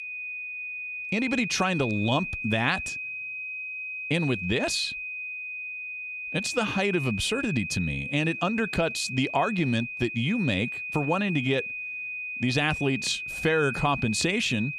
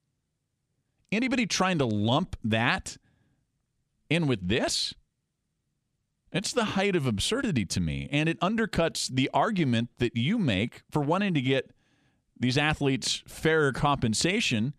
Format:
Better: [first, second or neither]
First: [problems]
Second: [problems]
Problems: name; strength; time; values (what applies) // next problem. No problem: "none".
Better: second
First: high-pitched whine; loud; throughout; 2.5 kHz, 5 dB below the speech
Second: none